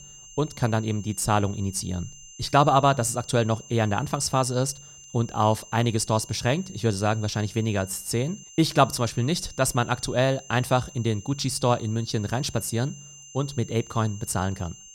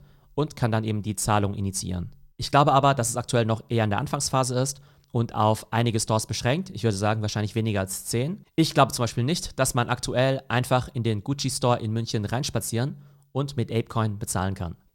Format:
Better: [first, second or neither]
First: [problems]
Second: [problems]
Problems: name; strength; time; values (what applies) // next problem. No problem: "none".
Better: second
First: high-pitched whine; noticeable; throughout; 6.5 kHz, 20 dB below the speech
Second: none